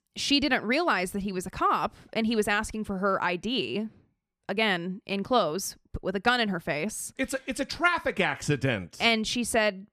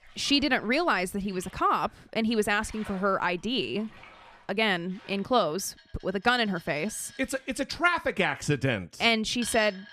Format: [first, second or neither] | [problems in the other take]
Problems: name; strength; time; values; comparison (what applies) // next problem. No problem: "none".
first | household noises; faint; throughout; 20 dB below the speech